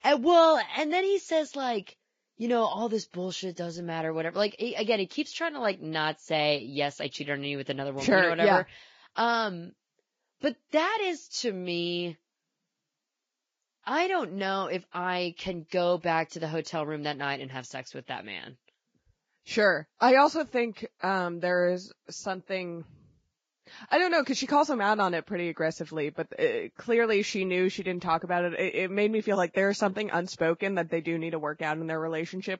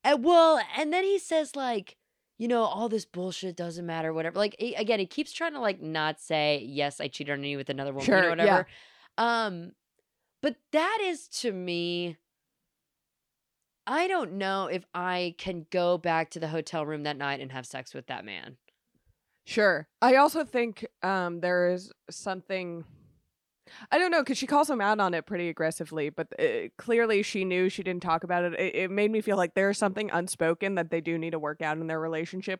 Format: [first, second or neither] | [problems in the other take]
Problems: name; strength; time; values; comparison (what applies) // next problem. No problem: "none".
second | garbled, watery; badly; nothing above 7.5 kHz